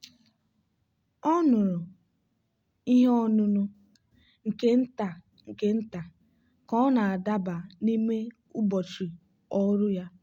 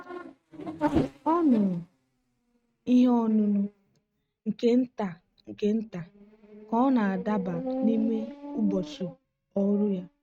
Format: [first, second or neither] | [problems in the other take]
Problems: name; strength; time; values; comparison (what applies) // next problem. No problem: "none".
first | noise reduction (neural mask model RNNoise)